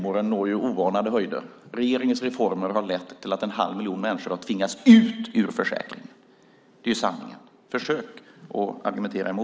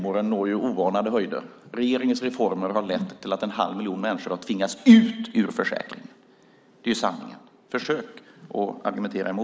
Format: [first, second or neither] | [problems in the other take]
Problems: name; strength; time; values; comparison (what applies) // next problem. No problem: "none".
first | background sound (Whoosh, swoosh, swish); 14 dB below the speech